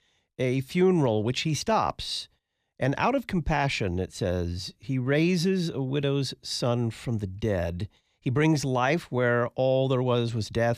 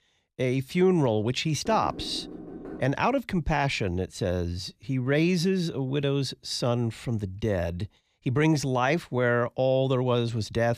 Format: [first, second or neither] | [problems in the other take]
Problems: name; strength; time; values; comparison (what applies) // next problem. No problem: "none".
first | door banging; faint; from 1.5 to 3 s; peak 15 dB below the speech